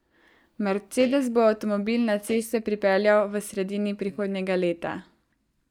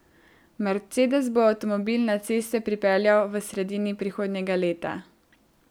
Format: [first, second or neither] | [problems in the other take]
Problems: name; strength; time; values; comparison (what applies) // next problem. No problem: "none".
second | noise reduction (neural mask model DeepFilterNet 3)